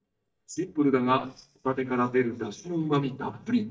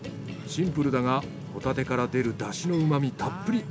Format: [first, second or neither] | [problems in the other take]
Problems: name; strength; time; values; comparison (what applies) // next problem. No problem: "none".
second | noise reduction (neural mask model DeepFilterNet 3)